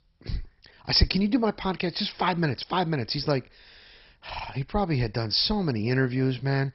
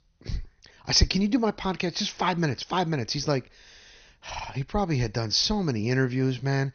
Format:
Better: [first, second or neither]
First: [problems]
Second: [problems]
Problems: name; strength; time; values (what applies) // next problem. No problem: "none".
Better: second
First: garbled, watery; badly; nothing above 5.5 kHz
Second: garbled, watery; slightly; nothing above 6 kHz